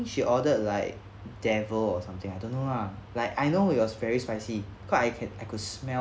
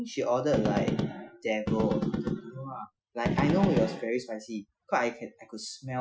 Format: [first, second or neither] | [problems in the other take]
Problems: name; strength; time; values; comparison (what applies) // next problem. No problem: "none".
first | noise reduction (classical method Wiener filter)